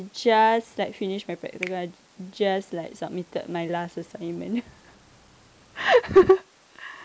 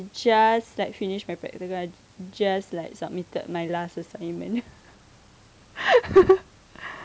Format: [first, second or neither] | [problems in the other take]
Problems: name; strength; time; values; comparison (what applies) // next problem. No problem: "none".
second | noise reduction (neural mask model Resemble Enhance denoiser)